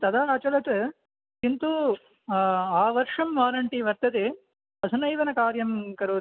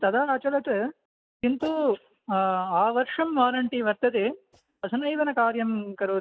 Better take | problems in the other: first | noise reduction (neural mask model DeepFilterNet 3)

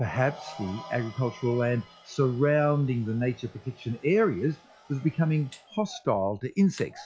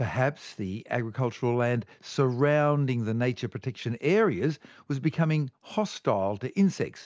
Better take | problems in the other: second | noise reduction (classical method log-MMSE)

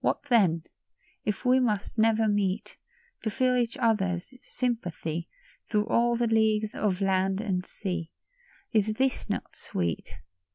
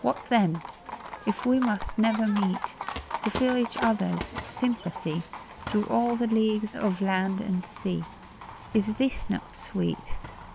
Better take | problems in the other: first | background sound (Livestock, farm animals, working animals + Walk, footsteps); 11 dB below the speech

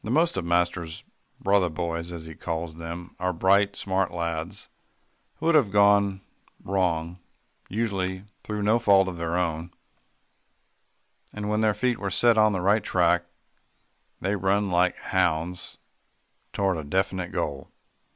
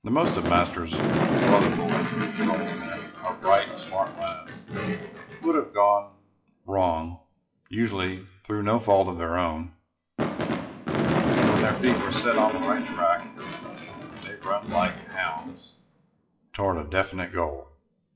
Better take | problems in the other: first | noise reduction (classical method WPE with log-MMSE)

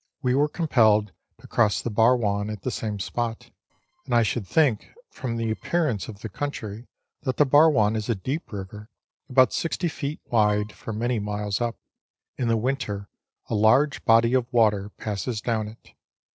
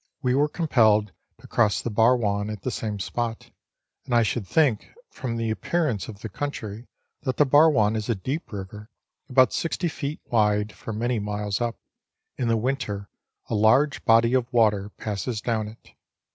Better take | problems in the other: second | noise reduction (neural separator model SepFormer DNS4)

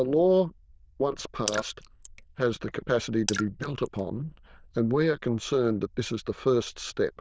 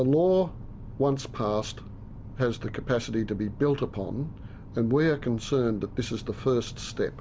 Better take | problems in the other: second | noise reduction (neural diffusion model UNIVERSE++)

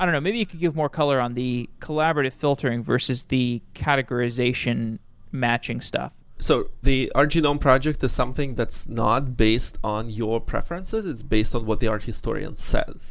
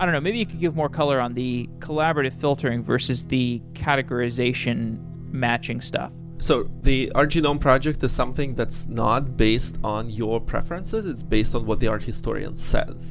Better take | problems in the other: first | background sound (Guitar); 15 dB below the speech

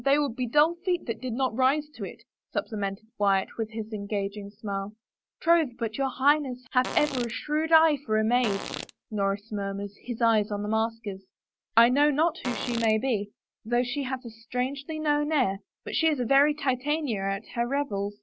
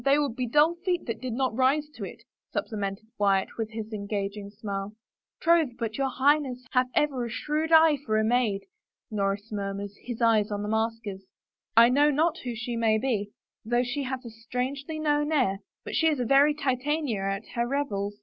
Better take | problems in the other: second | background sound (Fart); 10 dB below the speech

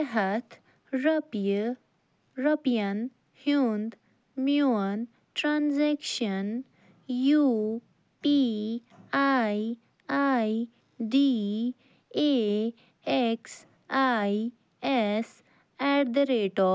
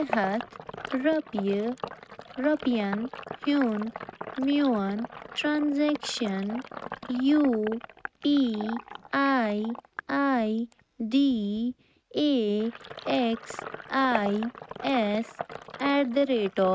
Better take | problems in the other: first | noise reduction (neural mask model RNNoise)

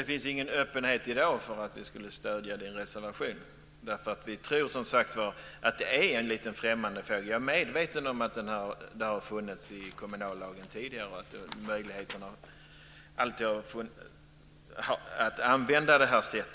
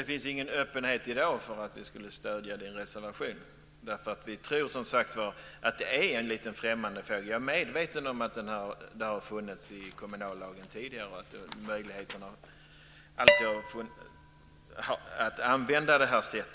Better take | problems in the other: first | background sound (Dishes, pots, and pans); 3 dB above the speech

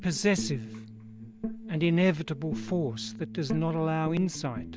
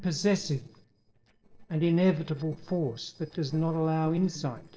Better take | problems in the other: first | noise reduction (neural separator model SepFormer DNS4)

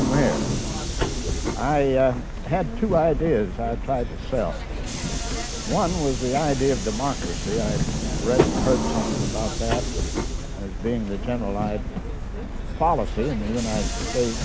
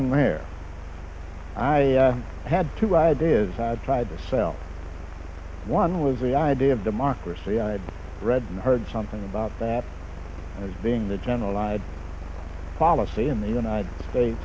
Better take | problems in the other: second | background sound (Subway, metro, underground); 2 dB below the speech

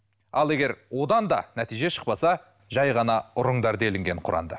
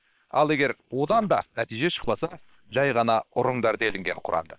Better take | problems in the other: first | noise reduction (neural separator model SepFormer WHAM!)

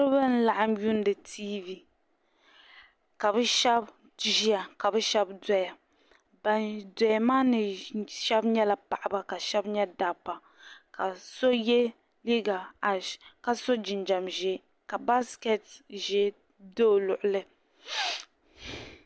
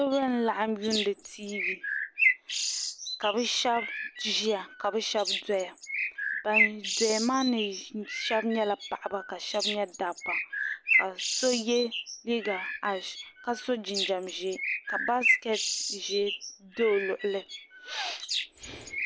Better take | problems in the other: first | background sound (Bird); 2 dB below the speech

